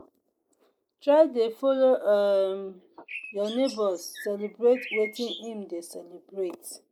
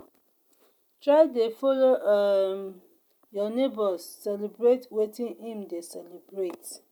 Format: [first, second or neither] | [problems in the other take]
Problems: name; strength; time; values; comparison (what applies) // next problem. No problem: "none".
second | noise reduction (neural mask model Resemble Enhance denoiser)